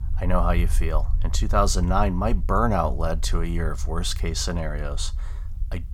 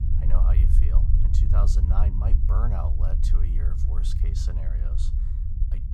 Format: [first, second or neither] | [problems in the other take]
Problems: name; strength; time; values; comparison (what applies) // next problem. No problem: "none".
first | low rumble; loud; throughout; 2 dB below the speech; faint in the first